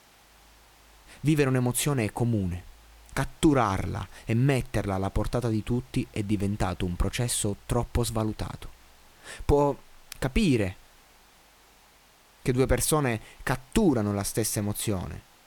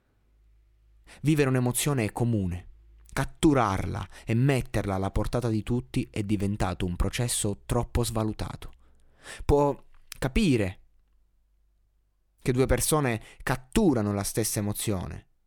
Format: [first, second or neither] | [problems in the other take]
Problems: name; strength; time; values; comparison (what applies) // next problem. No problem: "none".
second | hiss; faint; throughout; 30 dB below the speech